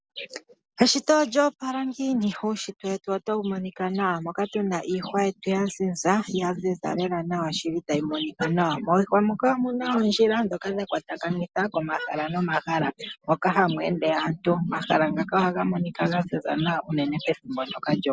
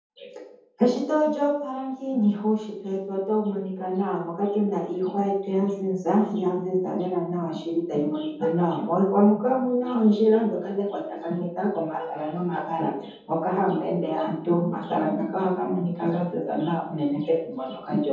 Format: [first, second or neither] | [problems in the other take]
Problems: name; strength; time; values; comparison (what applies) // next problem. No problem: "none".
first | room echo; dies away in 0.7 s